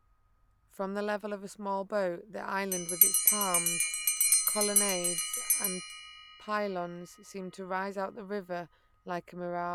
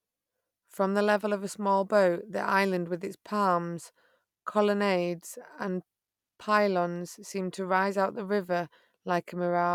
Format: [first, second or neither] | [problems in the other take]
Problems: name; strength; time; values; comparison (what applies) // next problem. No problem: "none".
second | background sound (Bell); 3 dB above the speech